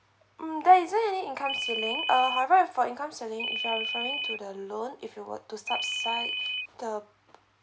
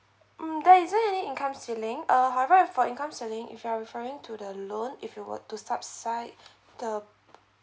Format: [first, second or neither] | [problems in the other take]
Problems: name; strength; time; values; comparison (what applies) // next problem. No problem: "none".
second | background sound (Ringtone); 3 dB below the speech